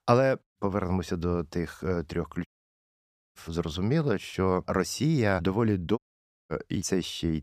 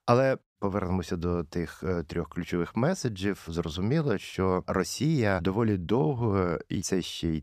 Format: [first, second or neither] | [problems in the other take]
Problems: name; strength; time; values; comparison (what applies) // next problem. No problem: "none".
second | audio cutting out; at 2.5 s for 1 s and at 6 s for 0.5 s